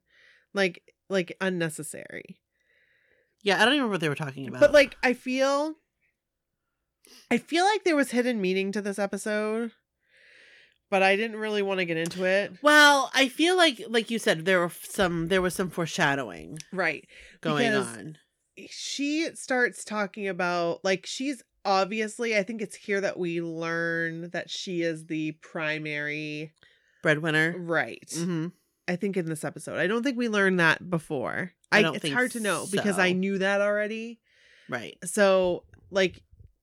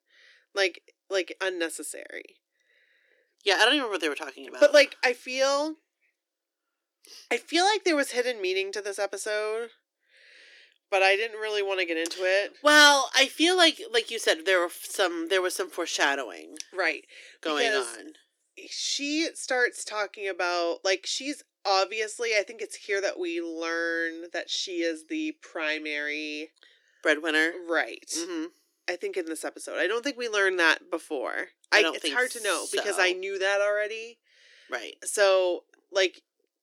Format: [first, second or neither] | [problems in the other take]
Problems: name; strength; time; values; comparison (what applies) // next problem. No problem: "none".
first | thin; somewhat; fading below 300 Hz